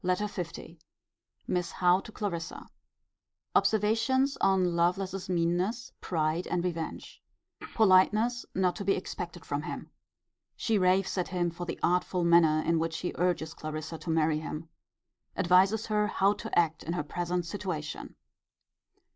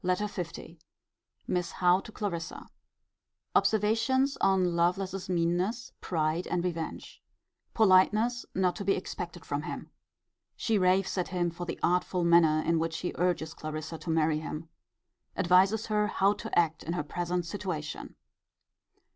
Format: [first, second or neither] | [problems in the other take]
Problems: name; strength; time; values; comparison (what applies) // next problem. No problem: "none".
second | noise reduction (neural mask model Resemble Enhance denoiser)